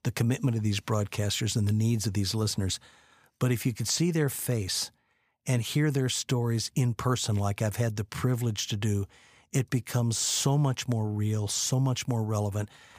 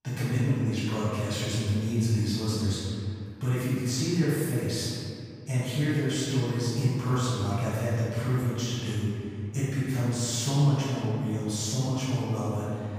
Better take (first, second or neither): first